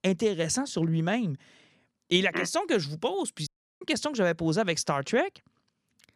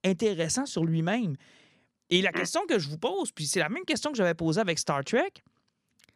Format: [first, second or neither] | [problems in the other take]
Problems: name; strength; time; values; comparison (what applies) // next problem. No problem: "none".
second | audio cutting out; at 3.5 s